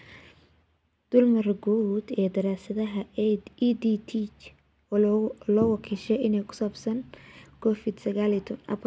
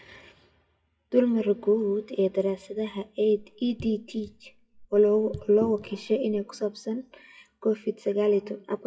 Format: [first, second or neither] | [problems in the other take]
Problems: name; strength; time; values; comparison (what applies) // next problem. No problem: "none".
first | noise reduction (classical method WPE with log-MMSE)